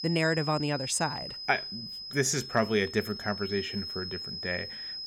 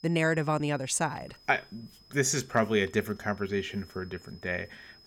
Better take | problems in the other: second | high-pitched whine; loud; throughout; 5 kHz, 6 dB below the speech; faint in the second

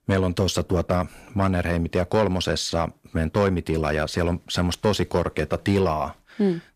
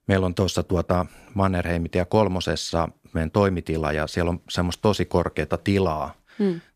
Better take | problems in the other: second | distortion; slight; 10 dB below the speech

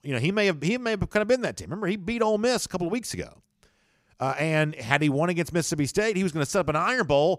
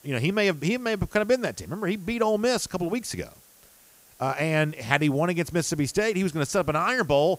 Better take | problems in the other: first | hiss; faint; throughout; 25 dB below the speech

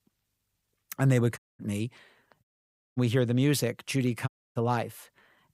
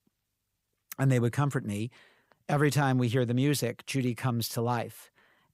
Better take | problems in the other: second | audio cutting out; at 1.5 s, at 2.5 s for 0.5 s and at 4.5 s

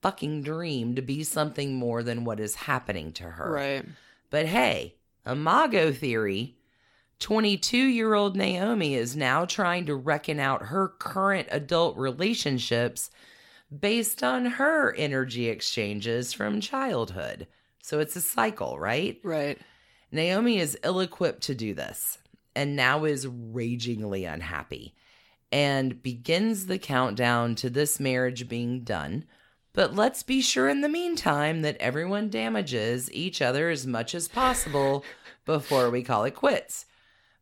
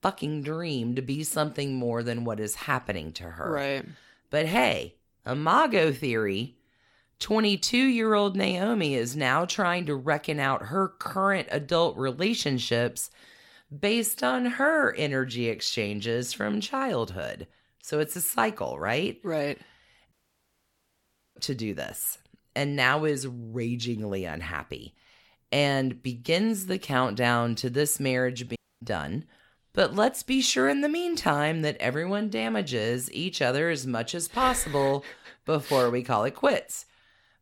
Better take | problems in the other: first | audio cutting out; at 20 s for 1 s and at 29 s

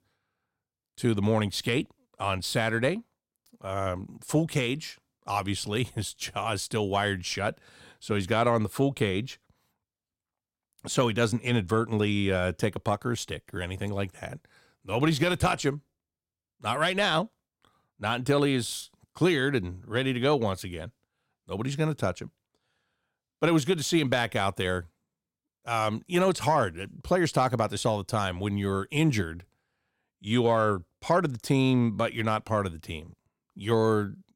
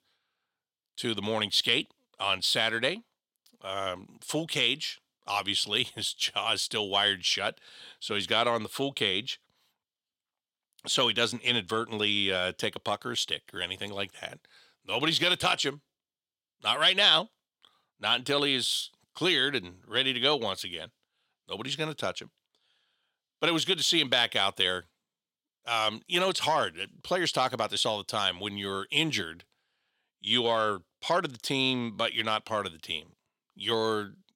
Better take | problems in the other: first | thin; very slightly; fading below 900 Hz

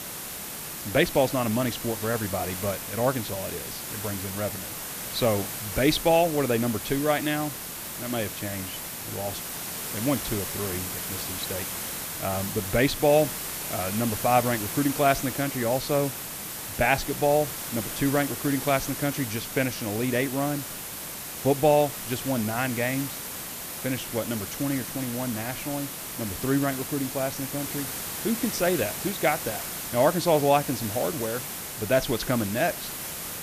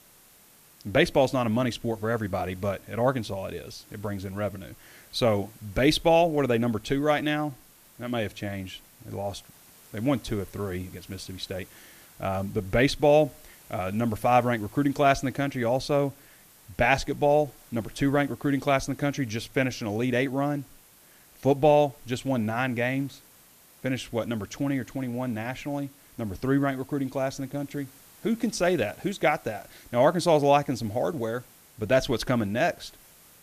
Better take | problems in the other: second | hiss; loud; throughout; 5 dB below the speech; faint in the second

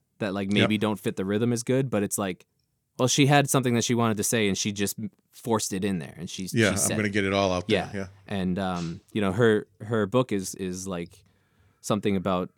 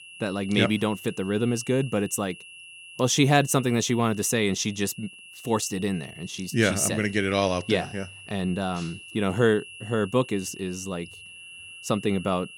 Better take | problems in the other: first | high-pitched whine; noticeable; throughout; 2.5 kHz, 15 dB below the speech

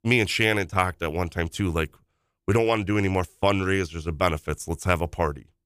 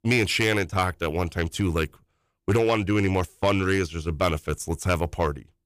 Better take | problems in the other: first | distortion; slight; 10 dB below the speech

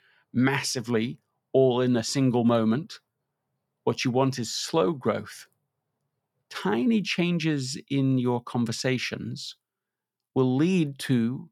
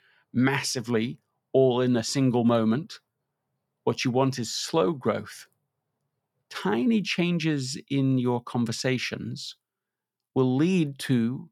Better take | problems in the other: neither | none

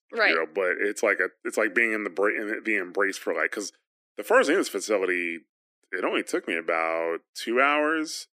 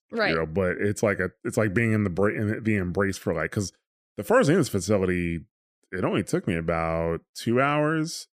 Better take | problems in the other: second | thin; somewhat; fading below 300 Hz

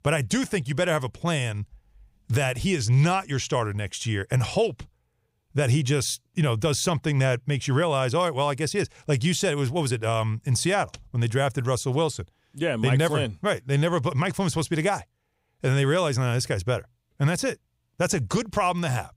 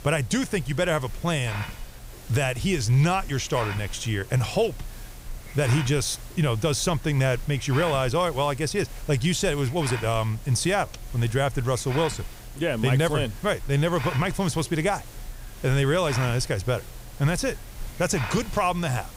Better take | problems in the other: first | hiss; noticeable; throughout; 15 dB below the speech

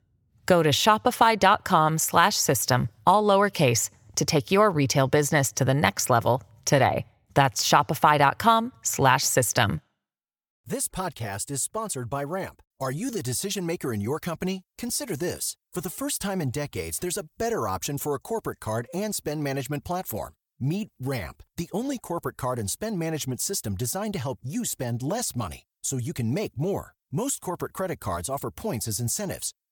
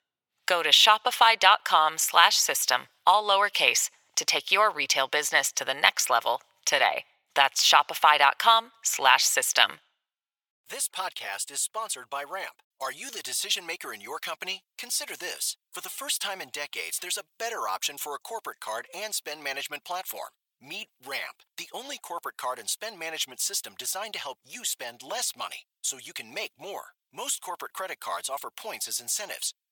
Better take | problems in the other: first | thin; very; fading below 850 Hz

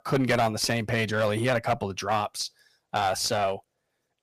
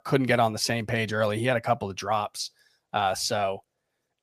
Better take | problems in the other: second | distortion; slight; 7% of the sound clipped

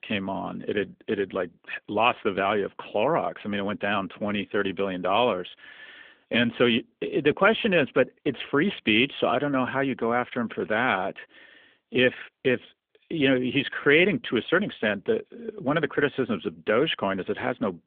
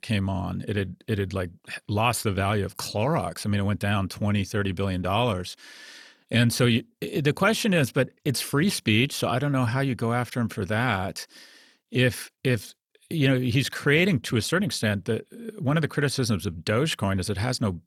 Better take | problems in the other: second | phone-call audio; nothing above 3.5 kHz

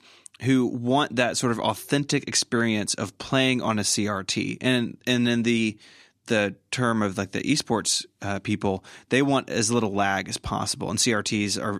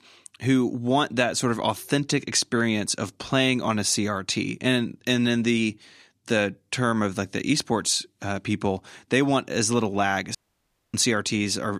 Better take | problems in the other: first | audio cutting out; at 10 s for 0.5 s

